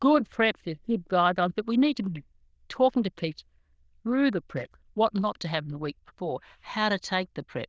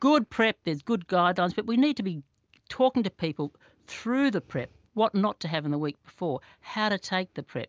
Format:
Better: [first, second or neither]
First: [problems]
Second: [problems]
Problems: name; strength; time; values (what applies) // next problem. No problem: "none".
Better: second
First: noise reduction (neural diffusion model UNIVERSE++)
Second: none